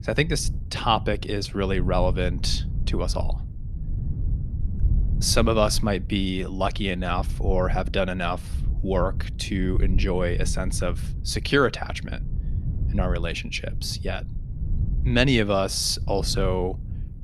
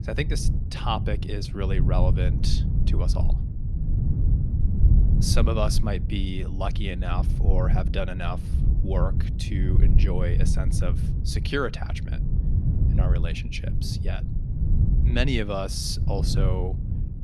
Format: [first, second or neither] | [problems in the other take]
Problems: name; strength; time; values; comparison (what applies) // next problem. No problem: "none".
first | wind noise on the microphone; heavy; 7 dB below the speech; occasional gusts in the first